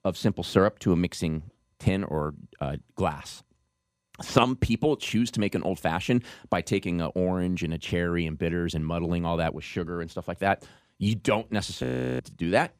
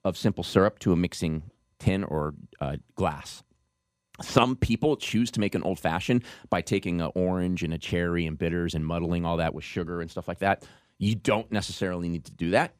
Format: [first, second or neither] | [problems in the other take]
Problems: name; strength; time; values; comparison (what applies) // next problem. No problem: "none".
second | audio freezing; at 12 s